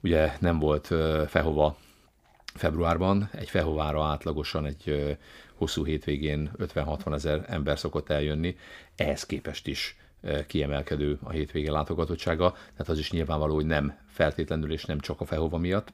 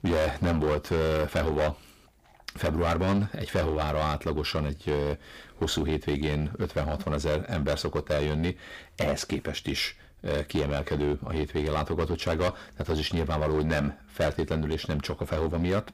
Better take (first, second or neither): first